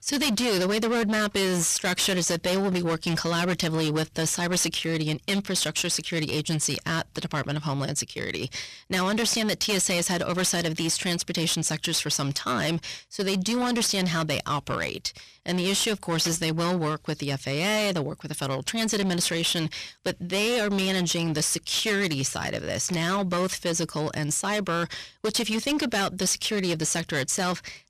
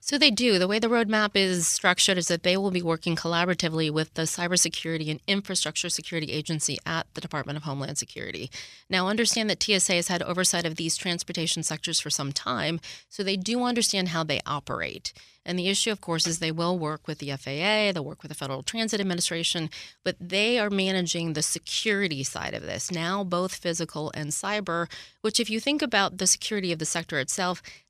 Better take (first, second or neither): second